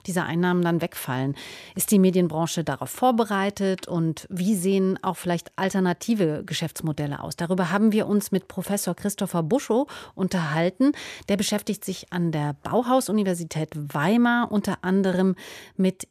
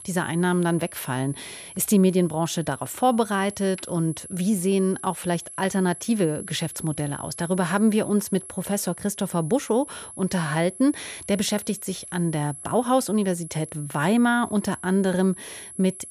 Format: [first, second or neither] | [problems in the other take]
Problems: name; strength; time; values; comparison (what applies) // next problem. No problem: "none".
first | high-pitched whine; noticeable; throughout; 11 kHz, 15 dB below the speech